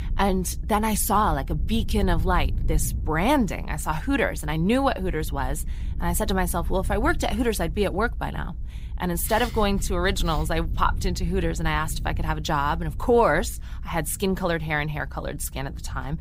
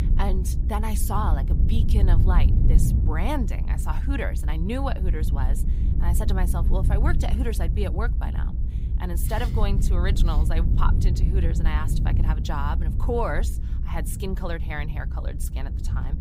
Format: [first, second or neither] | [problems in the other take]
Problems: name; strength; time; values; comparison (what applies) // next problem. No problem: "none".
first | low rumble; loud; throughout; 8 dB below the speech; faint in the first